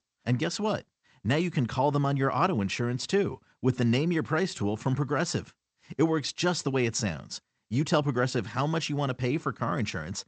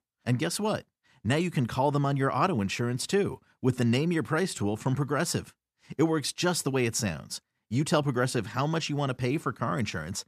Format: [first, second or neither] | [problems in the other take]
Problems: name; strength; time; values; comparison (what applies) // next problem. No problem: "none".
second | garbled, watery; slightly; nothing above 8 kHz